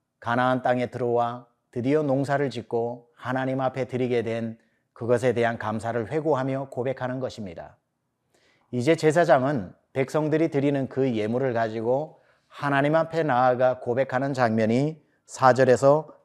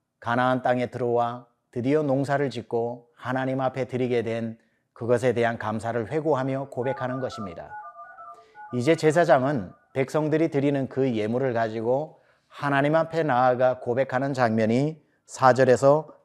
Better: first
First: none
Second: phone ringing; faint; from 6.5 to 9.5 s; peak 15 dB below the speech

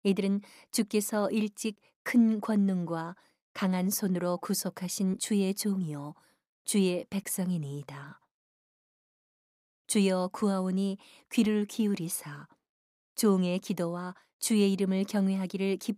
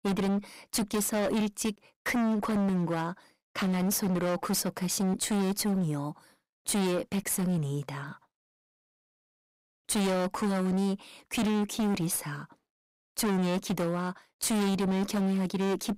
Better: first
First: none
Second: distortion; heavy; 26% of the sound clipped

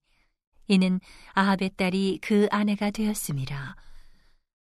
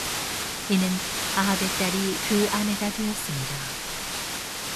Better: first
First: none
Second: hiss; loud; throughout; 1 dB below the speech

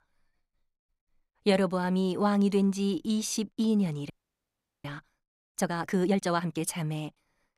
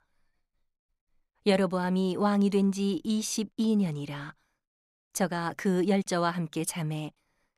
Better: second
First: audio freezing; at 4 s for 0.5 s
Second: none

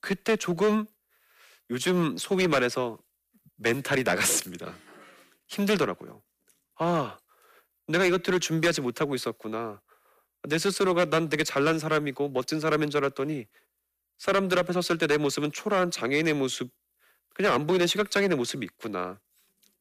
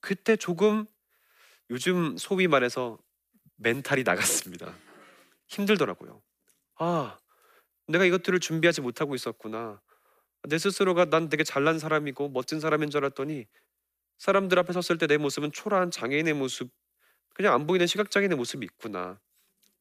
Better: second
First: distortion; slight; 6% of the sound clipped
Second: none

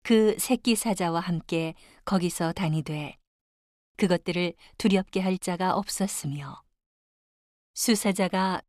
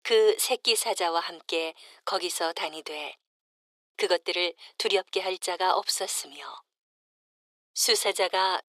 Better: first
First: none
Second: thin; very; fading below 400 Hz

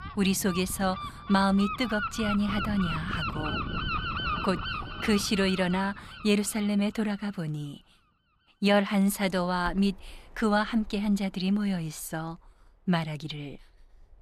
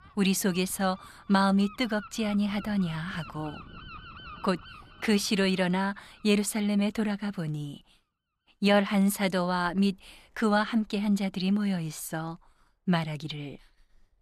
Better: second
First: animal sounds; loud; throughout; 7 dB below the speech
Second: animal sounds; faint; throughout; 20 dB below the speech

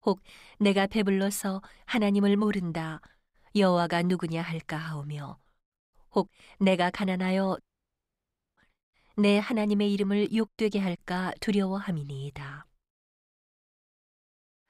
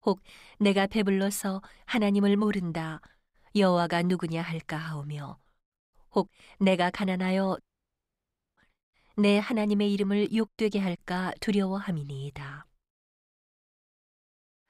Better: neither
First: audio cutting out; at 7.5 s for 1 s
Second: audio cutting out; at 7.5 s for 1 s

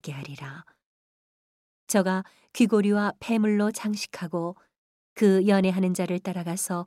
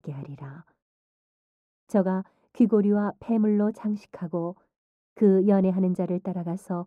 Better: first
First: none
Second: muffled; very; fading above 1.5 kHz

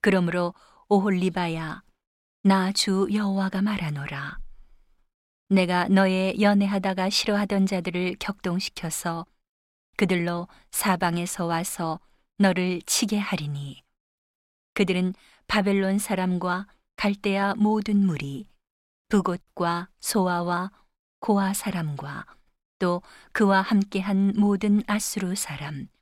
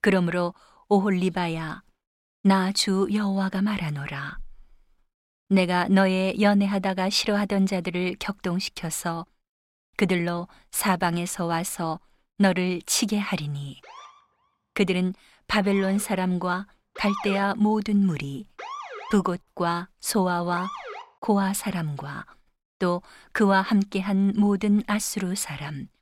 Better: first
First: none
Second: siren; noticeable; from 14 to 21 s; peak 8 dB below the speech

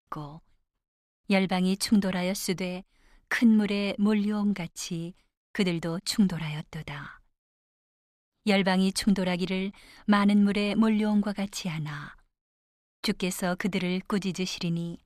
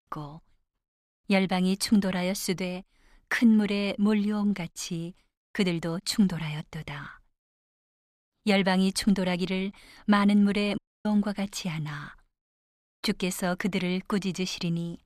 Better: first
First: none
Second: audio cutting out; at 11 s

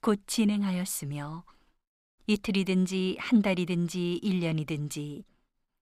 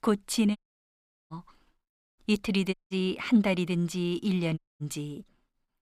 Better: first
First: none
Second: audio cutting out; at 0.5 s for 0.5 s, at 2.5 s and at 4.5 s

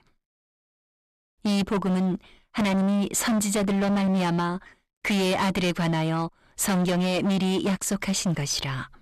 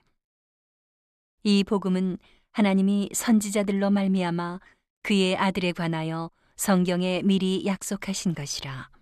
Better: second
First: distortion; heavy; 25% of the sound clipped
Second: none

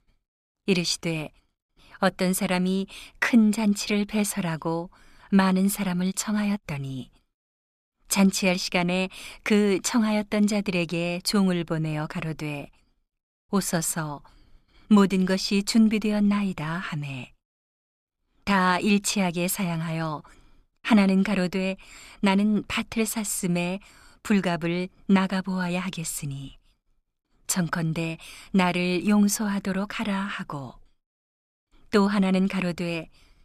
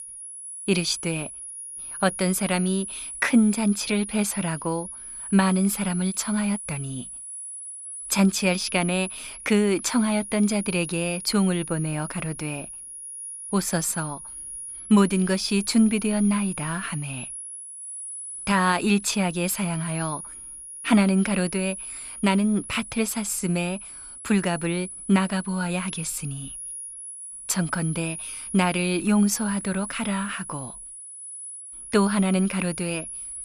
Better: first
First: none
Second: high-pitched whine; loud; throughout; 10.5 kHz, 10 dB below the speech

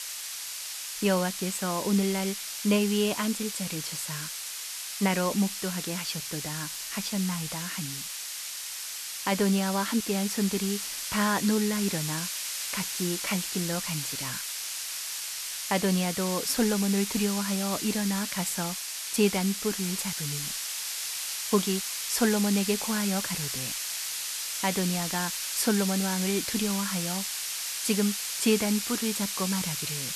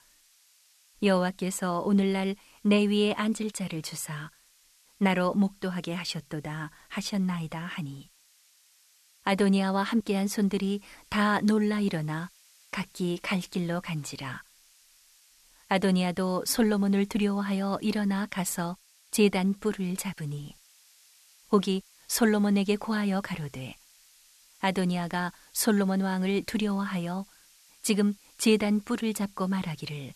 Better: second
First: hiss; loud; throughout; 2 dB below the speech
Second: hiss; faint; throughout; 30 dB below the speech

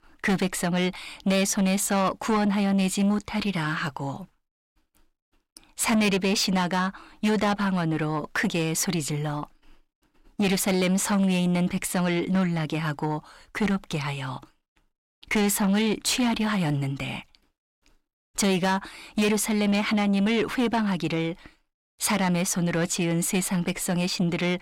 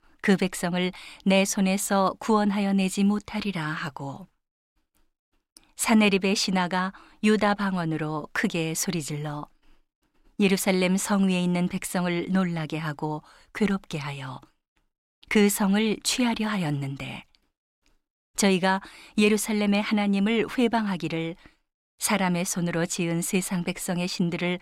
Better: second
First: distortion; slight; 10 dB below the speech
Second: none

